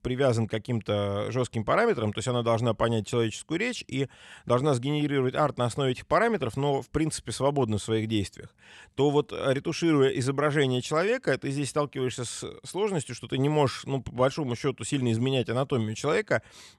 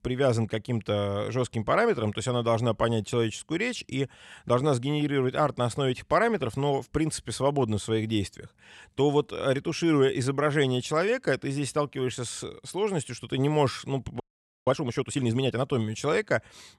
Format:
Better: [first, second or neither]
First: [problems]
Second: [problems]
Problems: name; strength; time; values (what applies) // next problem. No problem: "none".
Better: first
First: none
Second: audio freezing; at 14 s